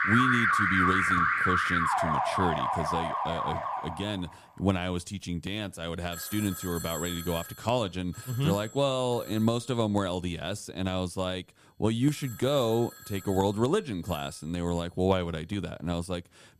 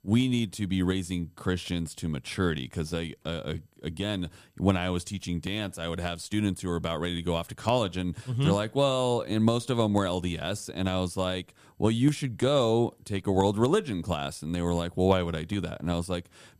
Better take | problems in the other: second | alarms or sirens; very loud; throughout; 3 dB above the speech

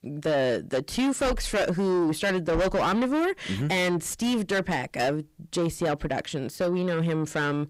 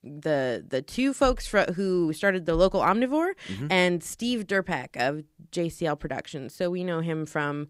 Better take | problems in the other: second | distortion; heavy; 5 dB below the speech

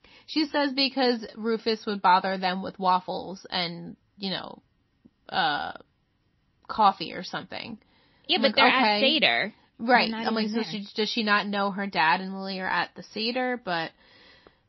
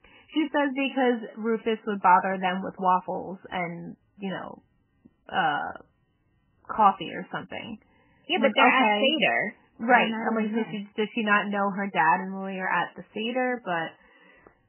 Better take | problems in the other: first | garbled, watery; badly; nothing above 3 kHz; slightly in the first

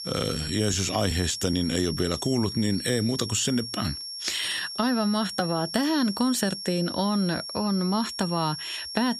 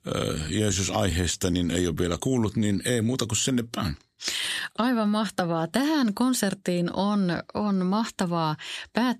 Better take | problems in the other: second | high-pitched whine; loud; throughout; 5.5 kHz, 7 dB below the speech

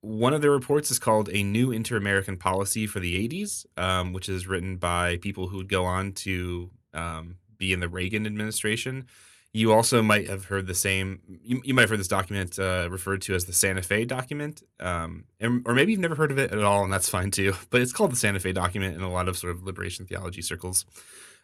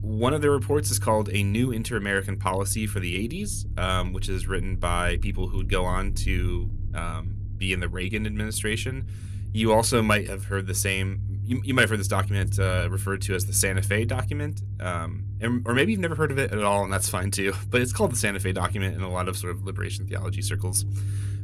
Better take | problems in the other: first | low rumble; noticeable; throughout; 20 dB below the speech

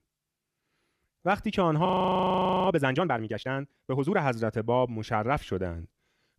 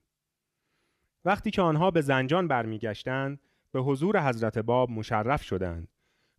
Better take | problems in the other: second | audio freezing; at 2 s for 1 s

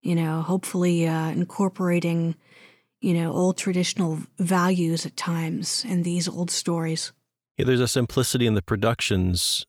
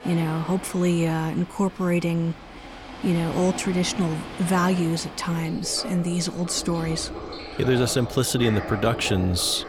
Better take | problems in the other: first | rain or running water; noticeable; throughout; 10 dB below the speech

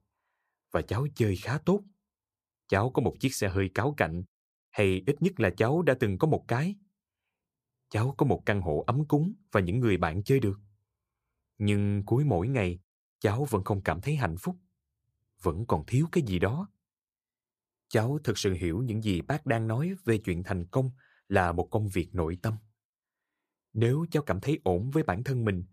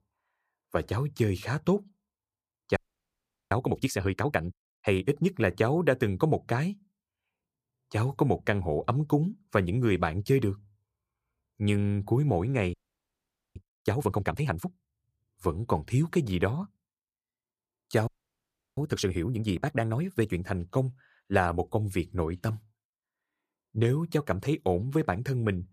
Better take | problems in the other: first | audio freezing; at 3 s for 1 s, at 13 s for 1 s and at 18 s for 0.5 s

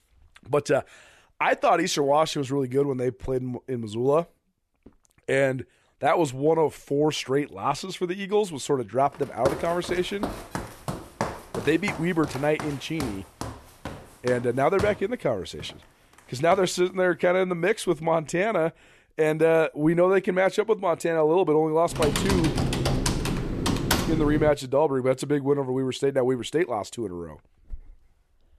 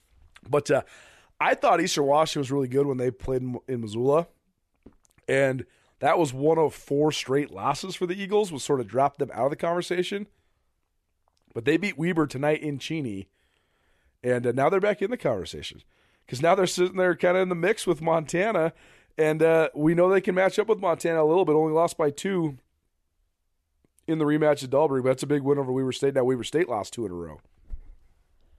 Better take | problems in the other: second | footsteps; noticeable; from 9 to 17 s; peak 6 dB below the speech // keyboard typing; loud; from 22 to 25 s; peak 1 dB above the speech

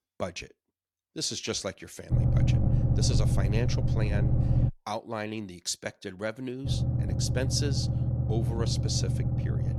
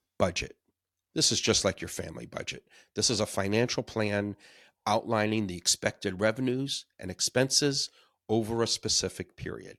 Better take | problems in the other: second | low rumble; loud; from 2 to 4.5 s and from 6.5 s on; 4 dB below the speech

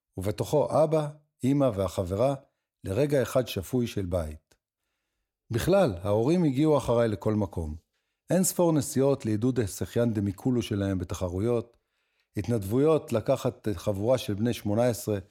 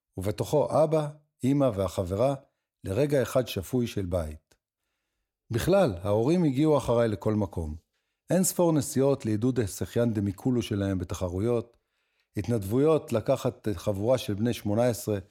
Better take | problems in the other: neither | none

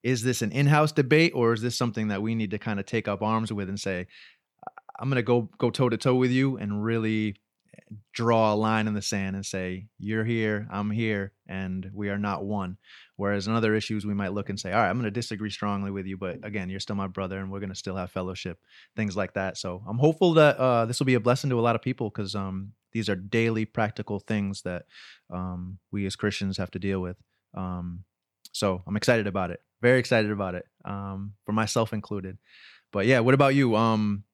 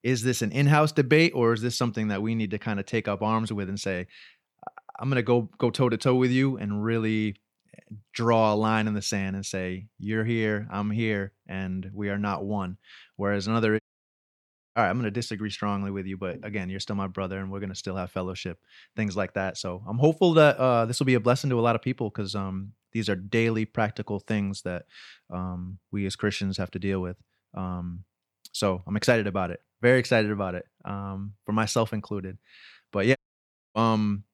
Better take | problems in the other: first | audio cutting out; at 14 s for 1 s and at 33 s for 0.5 s

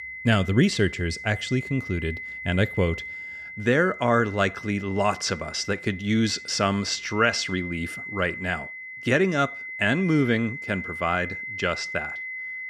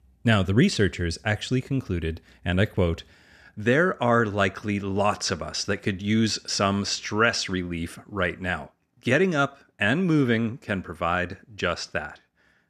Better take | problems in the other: second | high-pitched whine; loud; throughout; 2 kHz, 10 dB below the speech

